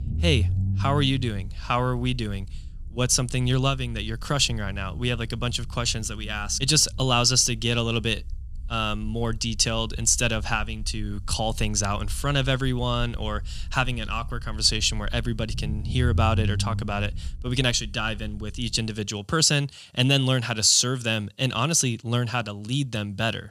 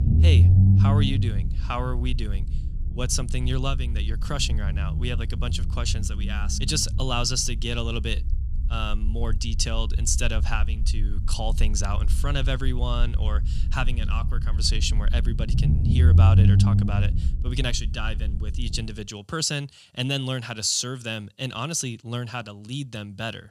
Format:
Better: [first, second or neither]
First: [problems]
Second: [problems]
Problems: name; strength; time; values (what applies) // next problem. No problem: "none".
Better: first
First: low rumble; faint; until 19 s; 25 dB below the speech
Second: low rumble; loud; until 19 s; 9 dB below the speech